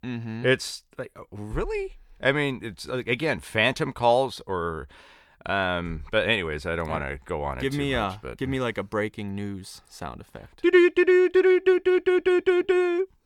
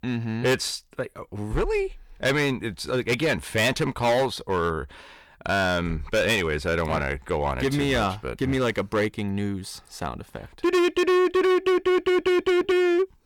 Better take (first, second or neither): first